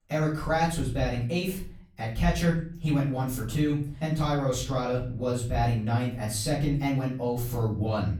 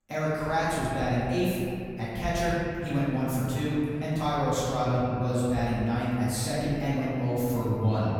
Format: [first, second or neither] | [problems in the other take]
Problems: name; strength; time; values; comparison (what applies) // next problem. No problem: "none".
first | room echo; strong; dies away in 2.5 s; slight in the first // off-mic speech; far; far in the first